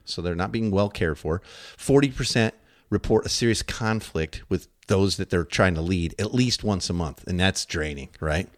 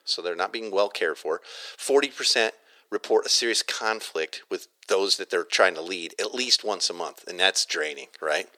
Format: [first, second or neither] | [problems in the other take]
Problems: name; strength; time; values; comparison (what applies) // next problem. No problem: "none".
first | thin; very; fading below 400 Hz